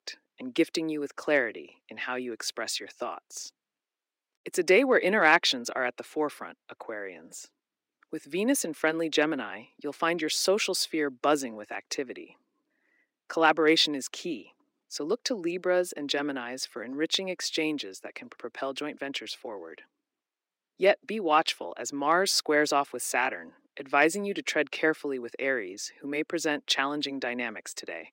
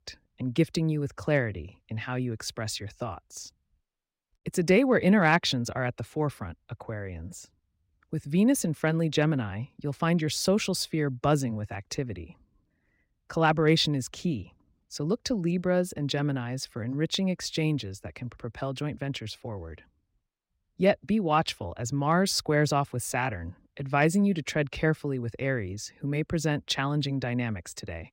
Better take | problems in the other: second | thin; somewhat; fading below 300 Hz

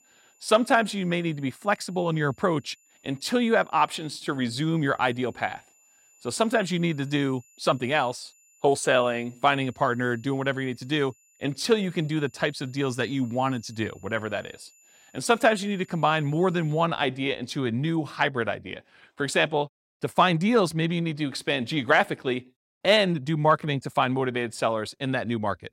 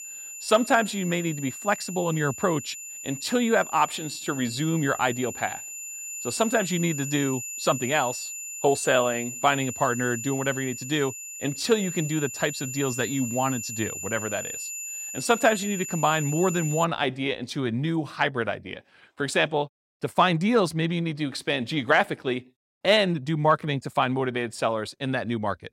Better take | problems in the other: first | high-pitched whine; loud; until 17 s; 7 kHz, 8 dB below the speech; faint in the first

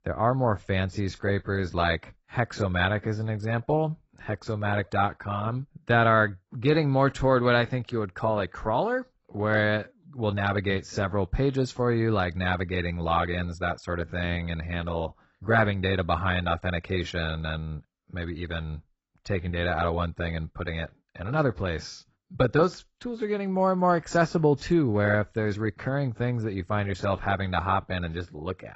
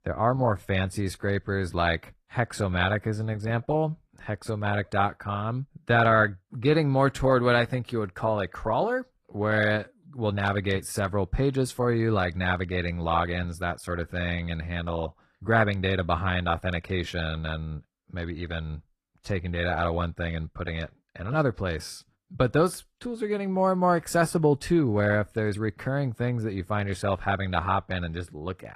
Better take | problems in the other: second | garbled, watery; badly; nothing above 8 kHz; slightly in the second

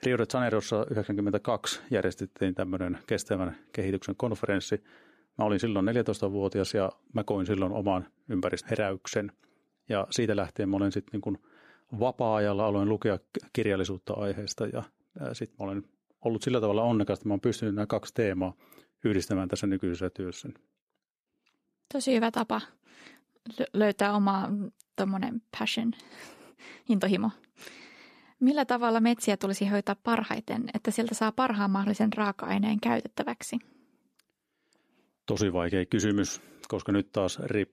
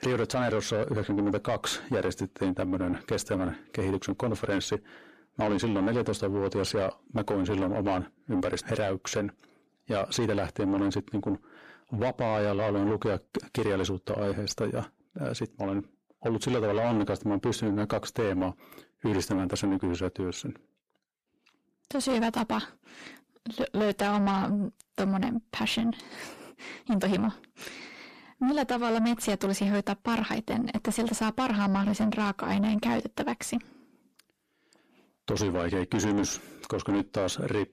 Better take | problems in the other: first | distortion; heavy; 8 dB below the speech

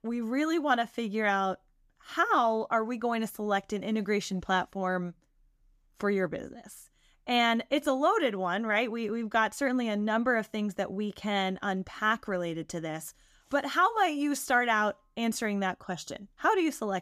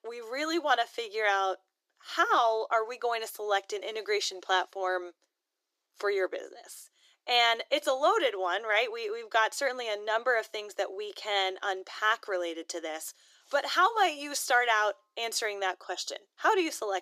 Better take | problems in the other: first | thin; very; fading below 350 Hz

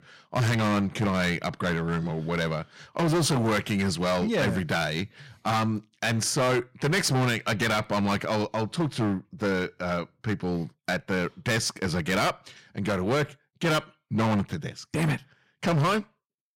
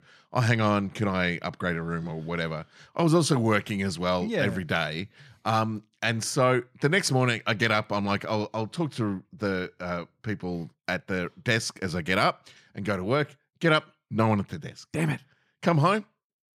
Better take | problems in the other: second | distortion; heavy; 13% of the sound clipped

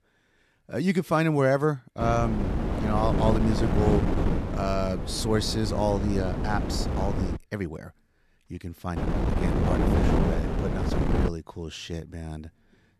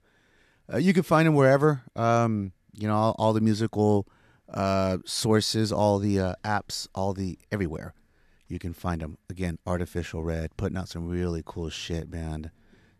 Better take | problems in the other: second | wind noise on the microphone; heavy; from 2 to 7.5 s and from 9 to 11 s; 3 dB below the speech

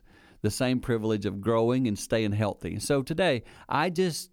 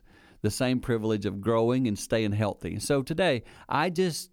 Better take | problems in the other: neither | none

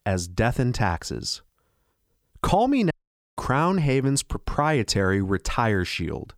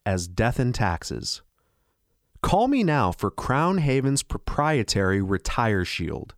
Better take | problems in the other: second | audio cutting out; at 3 s

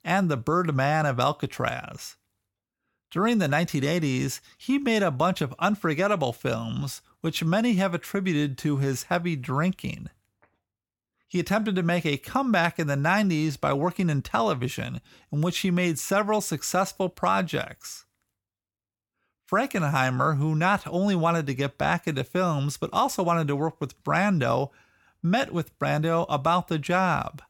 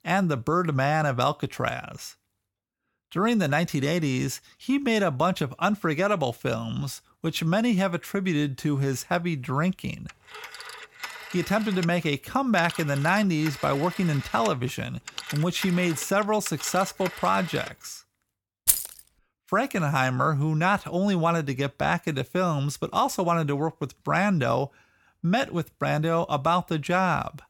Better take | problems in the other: first | phone ringing; noticeable; from 10 to 18 s; peak 9 dB below the speech // jangling keys; loud; at 19 s; peak 4 dB above the speech

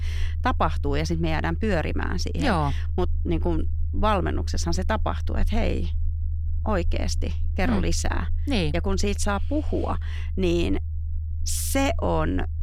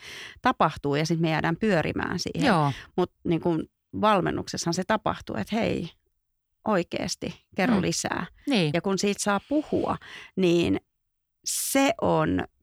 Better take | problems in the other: second | low rumble; noticeable; throughout; 20 dB below the speech

